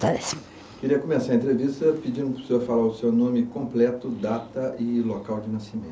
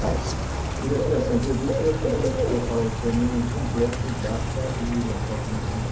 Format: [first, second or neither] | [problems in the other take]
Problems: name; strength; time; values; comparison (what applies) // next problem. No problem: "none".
first | background sound (Bird / Rain); 2 dB above the speech // room echo; dies away in 0.6 s